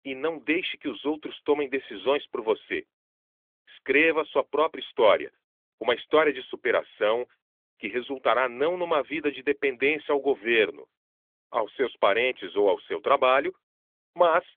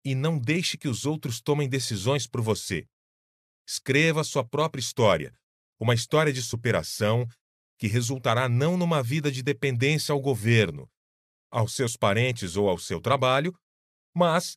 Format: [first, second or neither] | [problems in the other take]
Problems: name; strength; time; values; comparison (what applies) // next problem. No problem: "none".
second | phone-call audio; nothing above 3.5 kHz